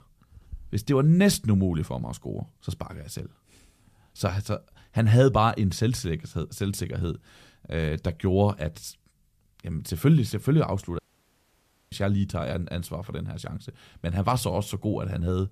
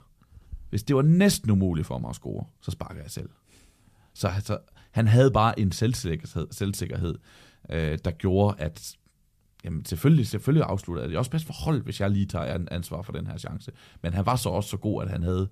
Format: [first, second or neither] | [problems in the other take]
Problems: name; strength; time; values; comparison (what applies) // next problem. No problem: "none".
second | audio cutting out; at 11 s for 1 s